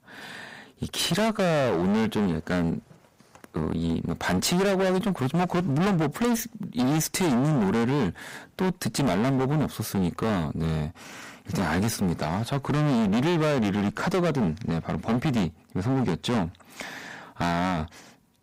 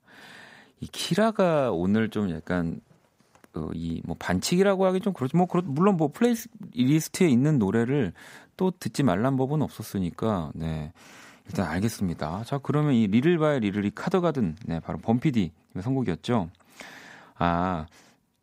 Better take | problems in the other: second | distortion; heavy; 27% of the sound clipped

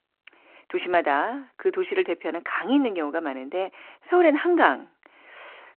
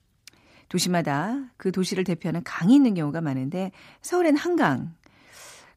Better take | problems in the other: second | phone-call audio

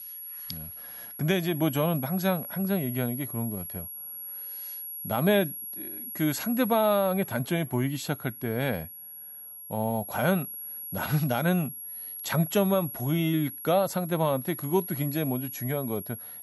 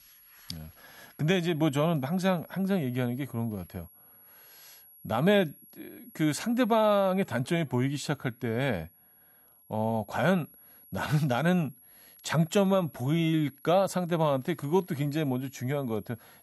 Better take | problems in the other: second | high-pitched whine; loud; throughout; 11.5 kHz, 9 dB below the speech; faint in the second

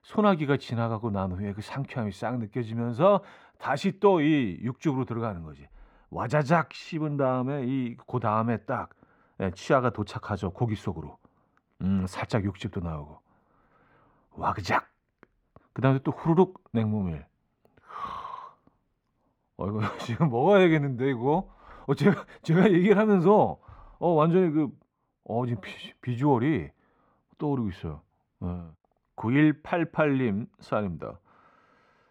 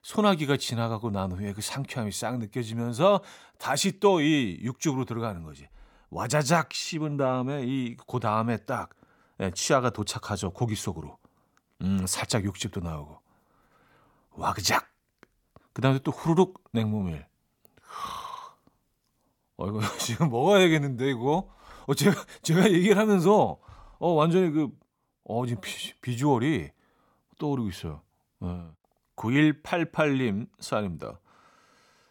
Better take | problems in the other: second | muffled; very; fading above 4 kHz

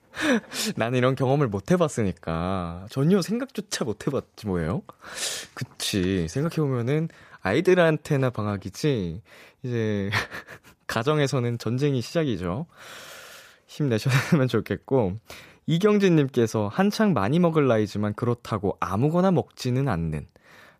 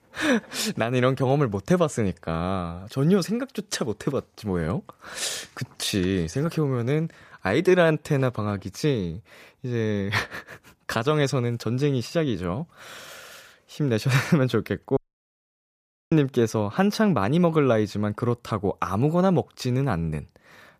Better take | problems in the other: first | audio cutting out; at 15 s for 1 s

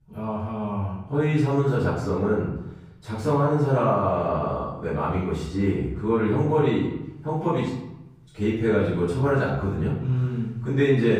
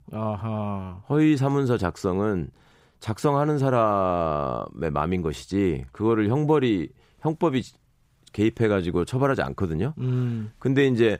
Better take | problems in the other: second | room echo; noticeable; dies away in 0.8 s // off-mic speech; far

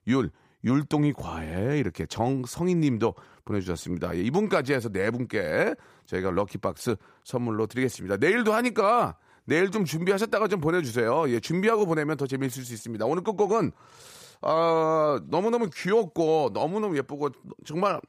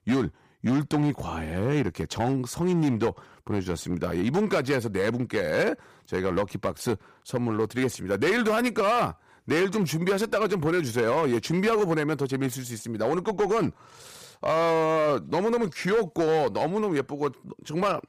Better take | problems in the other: first | distortion; slight; 9% of the sound clipped

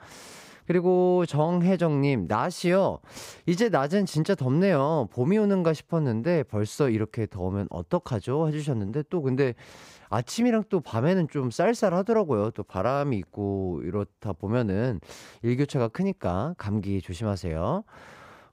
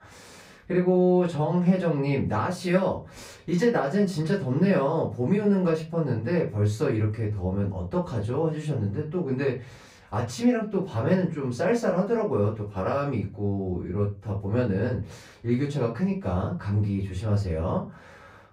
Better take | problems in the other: first | off-mic speech; far // room echo; slight; dies away in 0.3 s

